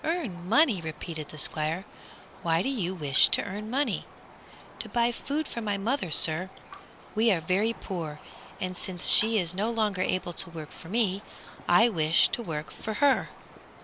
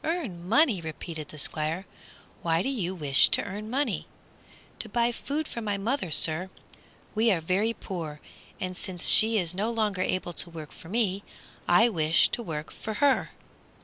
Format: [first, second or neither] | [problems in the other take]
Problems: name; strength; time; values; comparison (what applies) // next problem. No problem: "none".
second | background sound (Raindrop); 19 dB below the speech